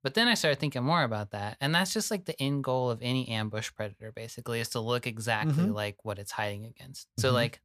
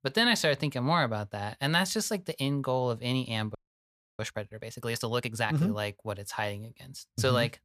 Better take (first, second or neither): first